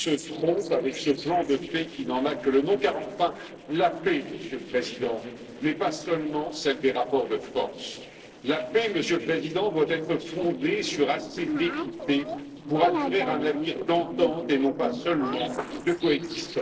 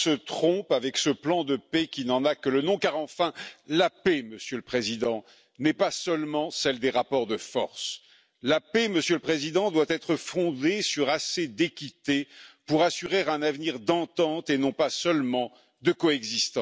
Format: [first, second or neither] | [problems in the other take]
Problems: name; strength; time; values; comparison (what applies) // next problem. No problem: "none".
second | noise reduction (neural separator model SepFormer DNS4)